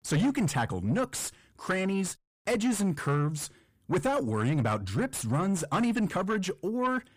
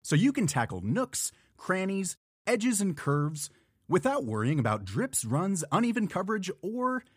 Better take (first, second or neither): second